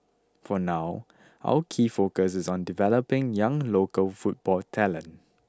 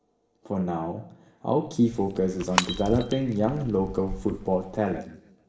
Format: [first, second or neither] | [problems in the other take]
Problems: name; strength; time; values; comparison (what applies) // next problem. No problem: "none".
first | background sound (Shatter / Crushing); 8 dB below the speech // room echo; dies away in 0.8 s